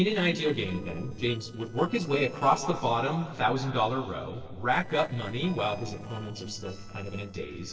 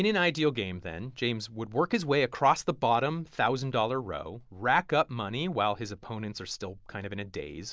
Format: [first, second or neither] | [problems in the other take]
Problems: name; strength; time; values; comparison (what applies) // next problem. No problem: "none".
second | noise reduction (neural separator model SepFormer DNS4)